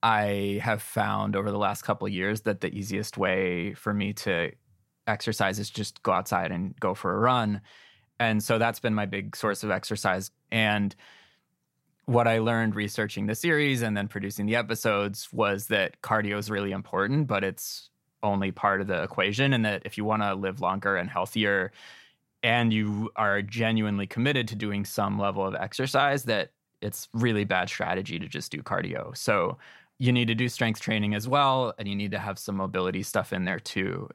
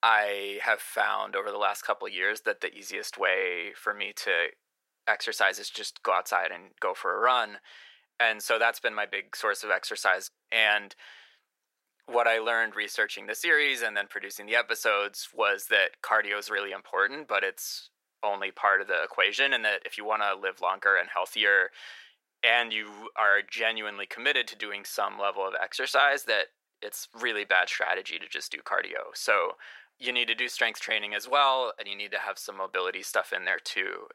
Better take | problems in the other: first | thin; very; fading below 400 Hz

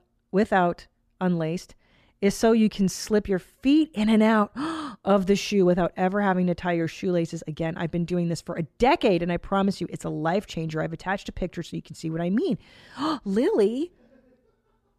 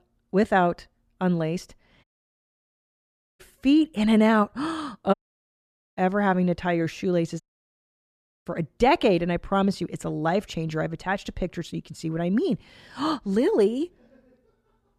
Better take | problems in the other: first | audio cutting out; at 2 s for 1.5 s, at 5 s for 1 s and at 7.5 s for 1 s

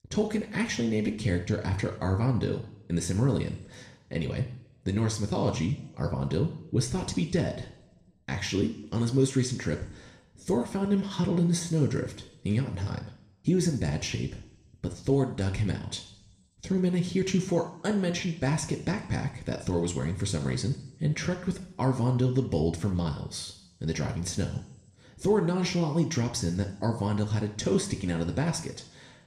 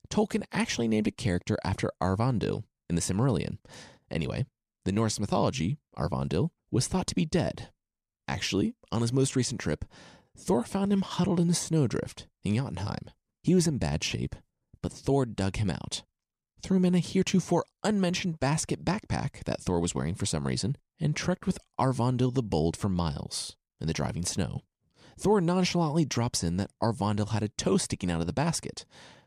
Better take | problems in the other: second | room echo; slight; dies away in 0.7 s

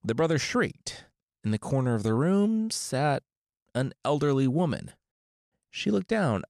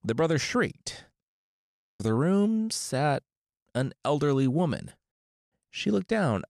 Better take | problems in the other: first | audio freezing; at 1.5 s for 0.5 s

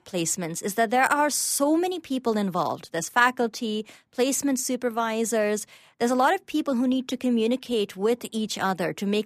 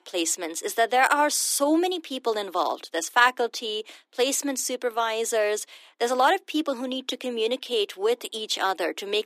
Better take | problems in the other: first | thin; somewhat; fading below 300 Hz

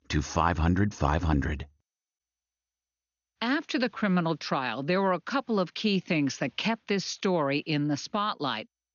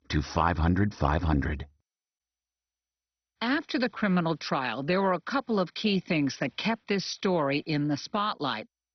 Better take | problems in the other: first | garbled, watery; badly; nothing above 6 kHz; slightly in the first

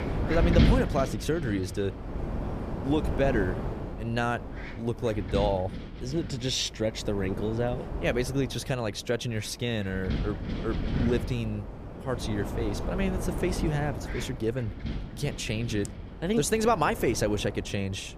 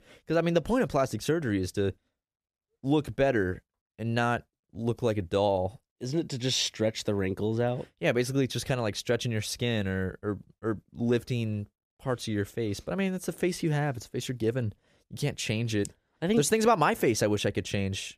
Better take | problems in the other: second | wind noise on the microphone; heavy; 8 dB below the speech

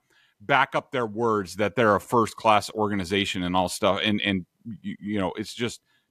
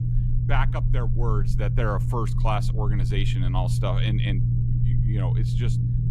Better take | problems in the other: first | low rumble; loud; throughout; 5 dB below the speech

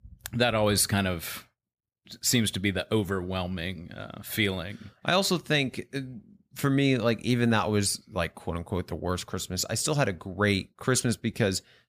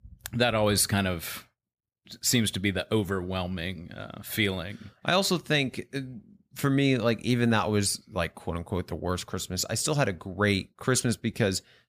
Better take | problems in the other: neither | none

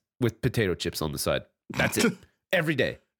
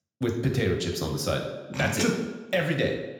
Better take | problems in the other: first | room echo; noticeable; dies away in 0.9 s // off-mic speech; somewhat distant

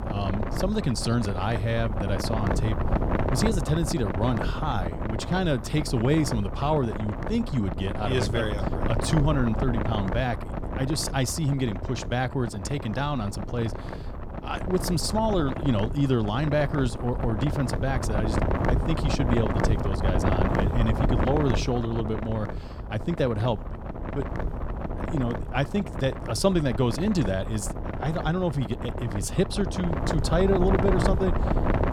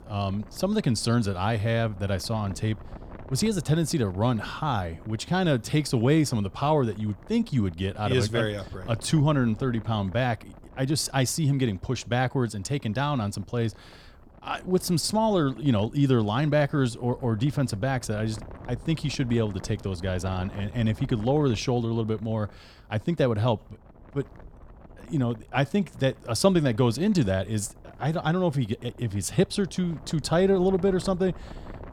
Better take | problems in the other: second | wind noise on the microphone; heavy; 3 dB below the speech; occasional gusts in the second

